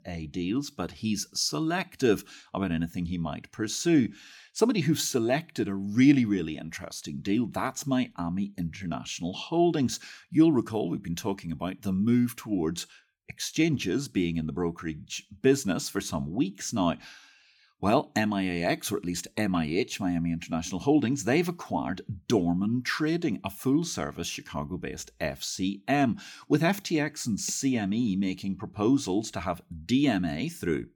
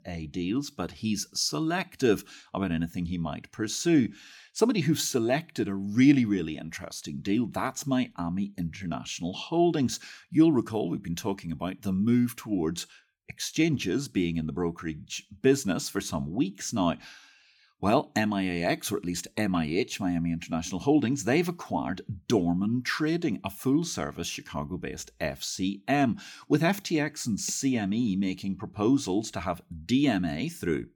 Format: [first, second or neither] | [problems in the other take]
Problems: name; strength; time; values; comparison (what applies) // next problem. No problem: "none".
neither | none